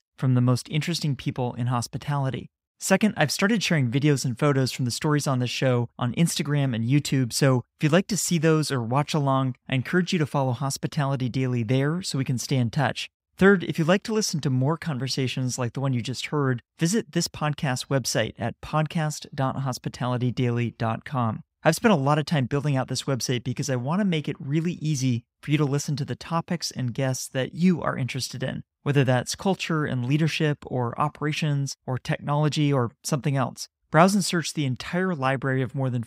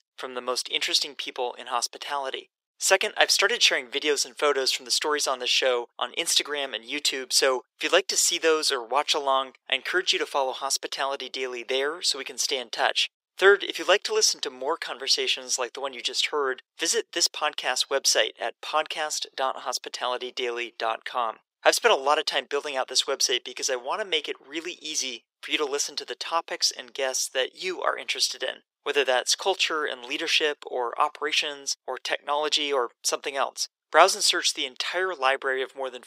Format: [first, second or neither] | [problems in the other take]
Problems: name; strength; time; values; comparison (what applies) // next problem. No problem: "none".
first | thin; very; fading below 400 Hz